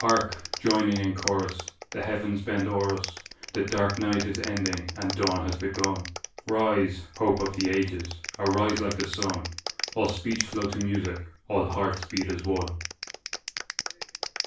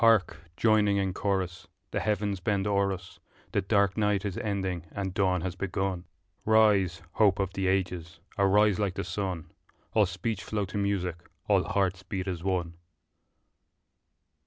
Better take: second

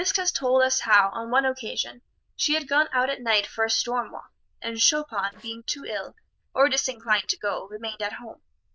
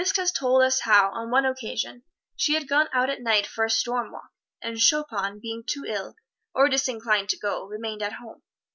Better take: second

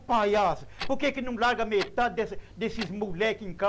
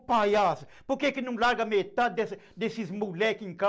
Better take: second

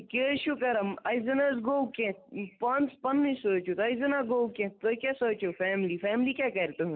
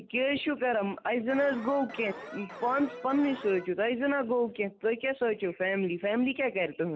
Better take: first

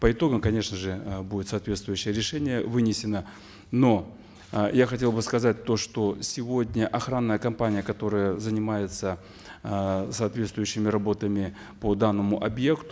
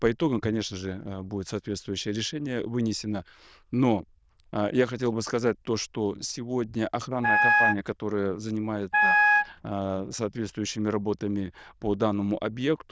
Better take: first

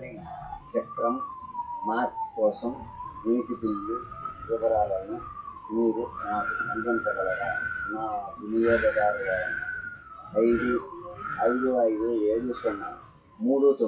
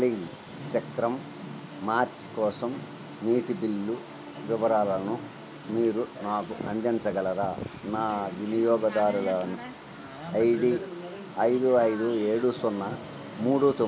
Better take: second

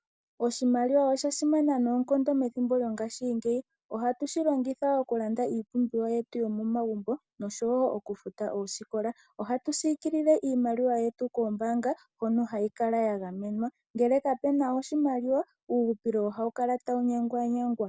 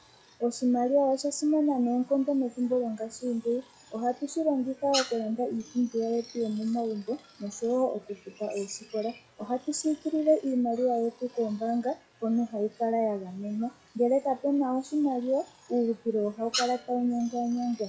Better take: first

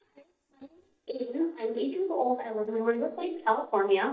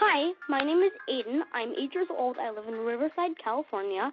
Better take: second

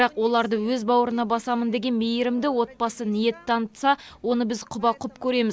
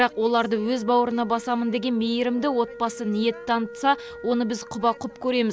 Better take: first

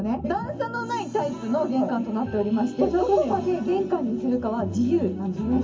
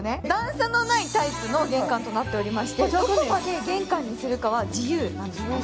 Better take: second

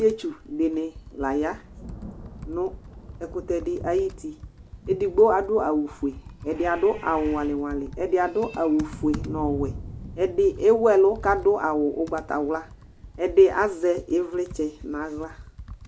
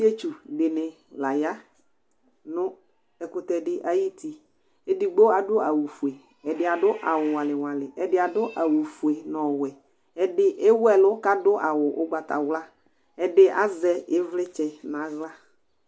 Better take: second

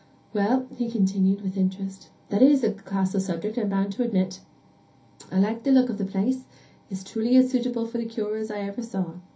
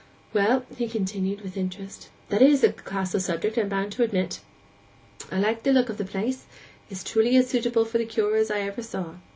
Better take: second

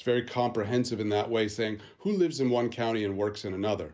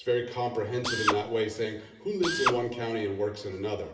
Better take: first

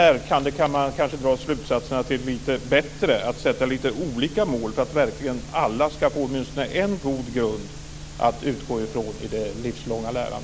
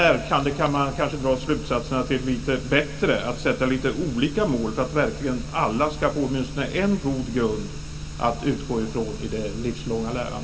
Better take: first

